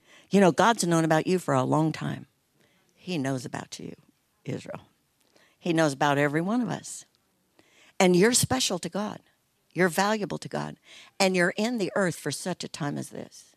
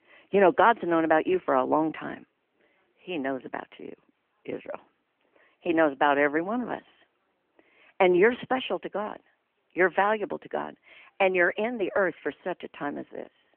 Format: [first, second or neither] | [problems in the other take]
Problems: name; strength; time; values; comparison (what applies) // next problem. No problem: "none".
first | phone-call audio; nothing above 3 kHz